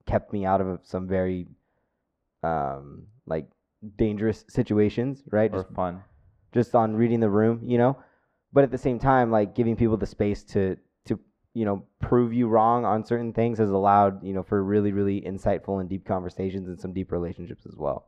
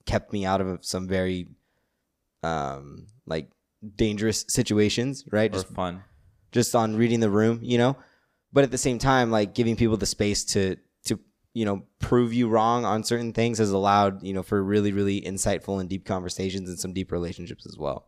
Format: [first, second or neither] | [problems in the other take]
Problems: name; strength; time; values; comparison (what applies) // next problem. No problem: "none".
second | muffled; very; fading above 3.5 kHz